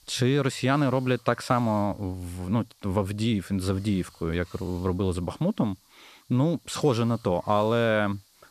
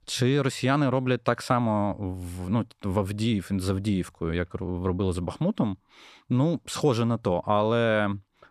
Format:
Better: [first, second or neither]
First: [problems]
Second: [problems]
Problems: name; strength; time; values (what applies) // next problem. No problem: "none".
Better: second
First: hiss; faint; throughout; 30 dB below the speech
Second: none